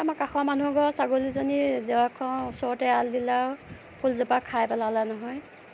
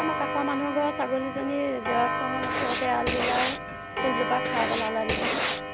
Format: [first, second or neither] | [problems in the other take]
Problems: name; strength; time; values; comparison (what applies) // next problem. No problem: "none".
first | background sound (Writing + Clock); as loud as the speech